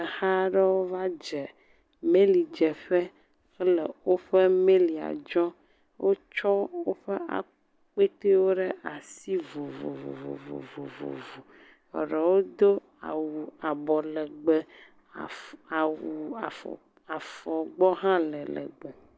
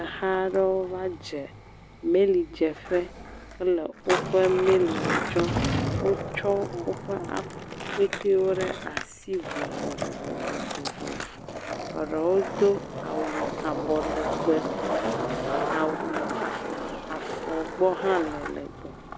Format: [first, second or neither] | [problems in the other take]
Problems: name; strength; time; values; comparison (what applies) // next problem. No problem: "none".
first | background sound (Drawer open or close + Skateboard); 4 dB below the speech